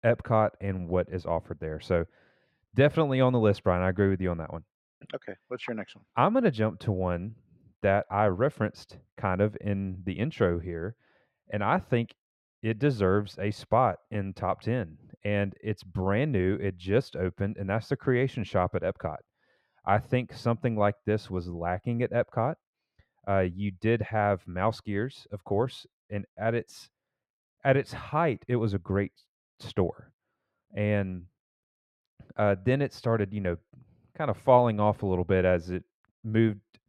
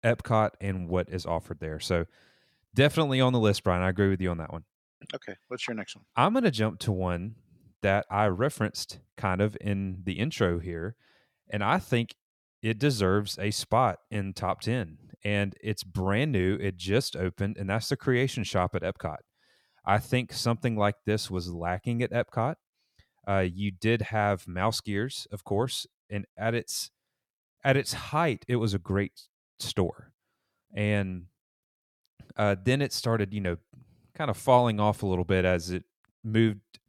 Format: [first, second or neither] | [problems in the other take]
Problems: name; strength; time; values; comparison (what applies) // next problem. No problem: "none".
second | muffled; slightly; fading above 3.5 kHz